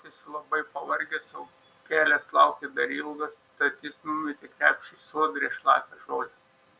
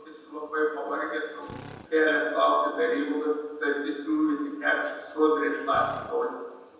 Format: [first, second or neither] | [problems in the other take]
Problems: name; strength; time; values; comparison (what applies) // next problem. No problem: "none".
first | background sound (Drill); 17 dB below the speech // room echo; dies away in 1.1 s